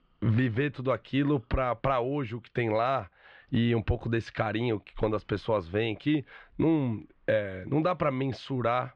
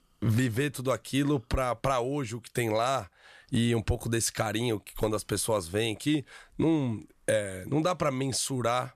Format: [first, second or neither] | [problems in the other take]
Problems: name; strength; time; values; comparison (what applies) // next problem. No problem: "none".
second | muffled; very; fading above 3 kHz